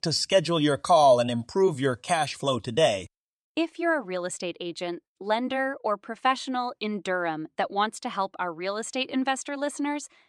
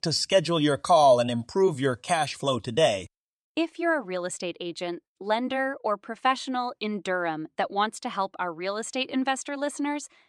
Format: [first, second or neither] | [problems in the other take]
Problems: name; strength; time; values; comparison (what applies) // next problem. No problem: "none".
neither | none